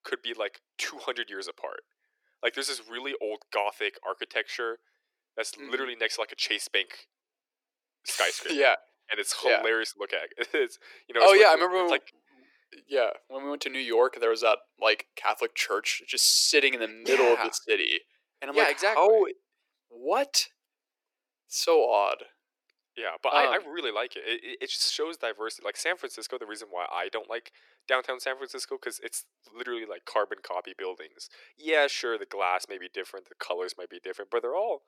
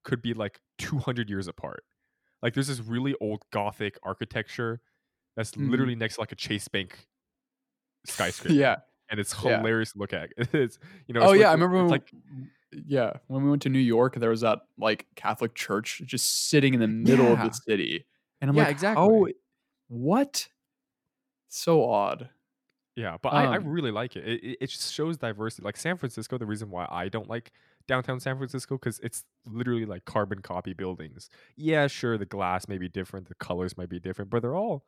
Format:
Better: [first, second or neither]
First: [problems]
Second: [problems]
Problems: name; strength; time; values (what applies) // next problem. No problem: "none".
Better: second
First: thin; very; fading below 400 Hz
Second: none